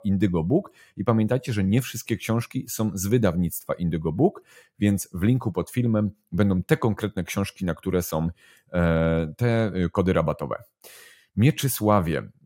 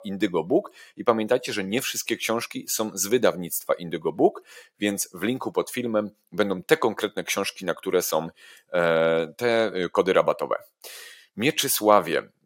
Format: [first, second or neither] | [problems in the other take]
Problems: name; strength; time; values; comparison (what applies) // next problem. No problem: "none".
first | thin; somewhat; fading below 450 Hz